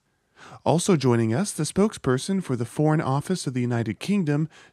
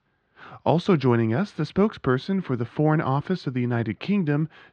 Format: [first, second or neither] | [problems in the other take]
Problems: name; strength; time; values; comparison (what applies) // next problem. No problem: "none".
first | muffled; slightly; fading above 4 kHz